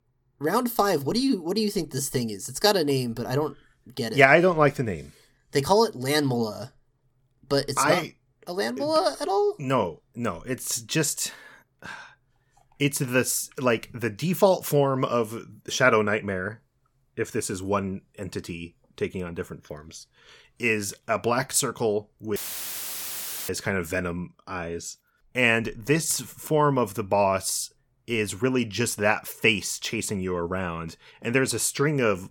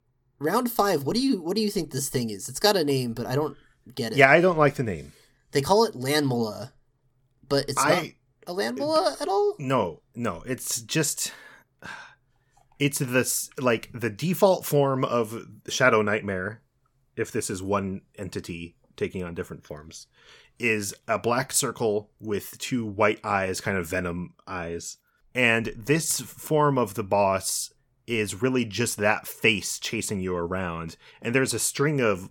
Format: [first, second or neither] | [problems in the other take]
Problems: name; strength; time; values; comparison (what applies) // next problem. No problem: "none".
second | audio cutting out; filled with static; at 22 s for 1 s